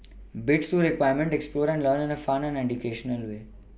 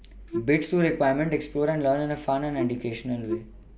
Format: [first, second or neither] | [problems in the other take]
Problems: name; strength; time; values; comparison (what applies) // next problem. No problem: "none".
first | background sound (Wind instrument, woodwind instrument); 9 dB below the speech